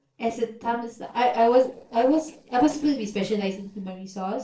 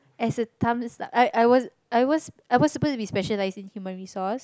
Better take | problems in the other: second | noise reduction (neural separator model SepFormer DNS4)

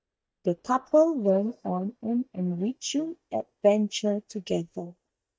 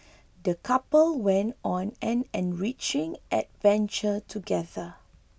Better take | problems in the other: second | noise reduction (neural mask model DeepFilterNet 3)

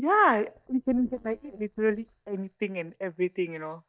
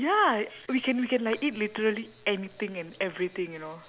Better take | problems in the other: second | noise reduction (neural mask model DeepFilterNet 3)

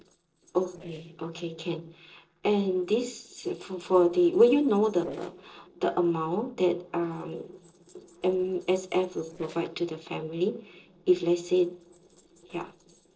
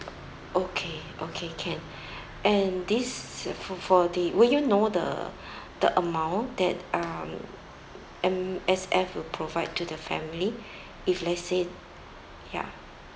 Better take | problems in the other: second | noise reduction (neural separator model SepFormer DNS4)

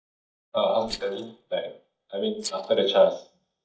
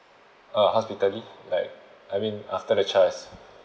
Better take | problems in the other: second | noise reduction (neural mask model DeepFilterNet 3)

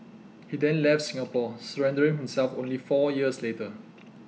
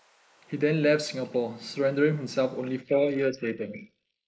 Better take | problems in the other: first | noise reduction (neural mask model Resemble Enhance denoiser)

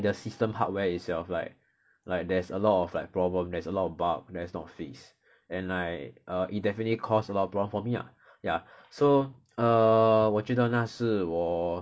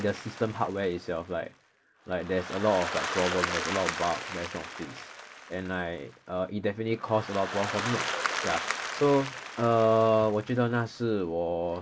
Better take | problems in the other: first | background sound (Applause); 8 dB below the speech

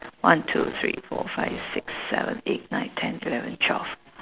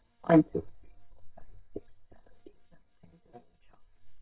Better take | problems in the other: first | noise reduction (neural mask model DeepFilterNet 3)

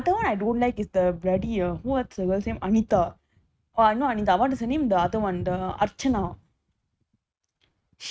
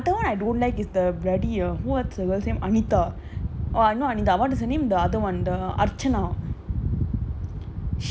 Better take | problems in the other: second | noise reduction (neural mask model RNNoise)

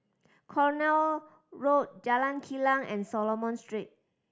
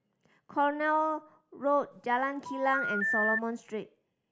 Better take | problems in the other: first | background sound (Telephone); 2 dB below the speech

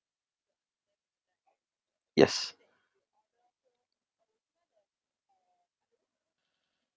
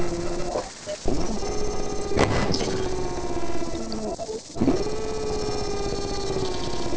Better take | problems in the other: first | noise reduction (neural separator model SepFormer DNS4)

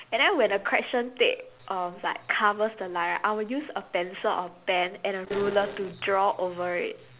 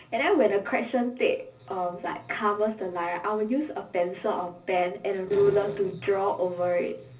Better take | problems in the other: first | room echo; dies away in 0.4 s

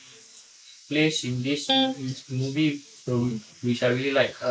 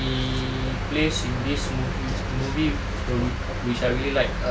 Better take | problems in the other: second | noise reduction (neural mask model Resemble Enhance denoiser)

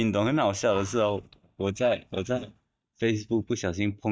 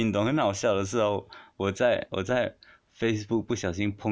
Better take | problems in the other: second | noise reduction (neural mask model DeepFilterNet 3)

